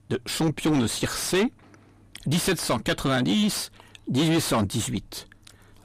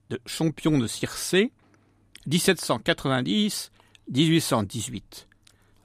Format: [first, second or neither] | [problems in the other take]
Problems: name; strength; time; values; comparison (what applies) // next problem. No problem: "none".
second | distortion; heavy; 5 dB below the speech